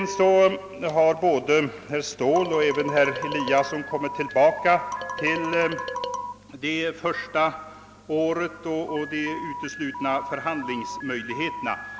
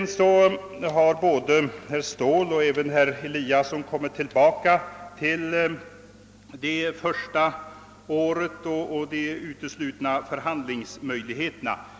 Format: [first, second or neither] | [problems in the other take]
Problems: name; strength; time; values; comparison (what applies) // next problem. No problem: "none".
second | background sound (Alarm + Marimba, xylophone); 11 dB below the speech